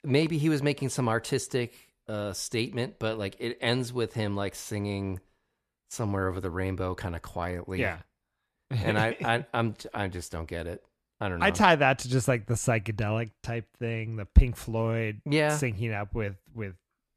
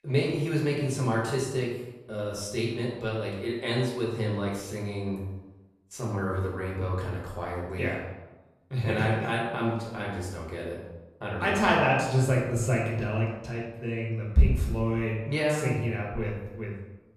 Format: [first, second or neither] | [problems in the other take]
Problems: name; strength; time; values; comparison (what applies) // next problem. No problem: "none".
first | room echo; noticeable; dies away in 0.8 s // off-mic speech; far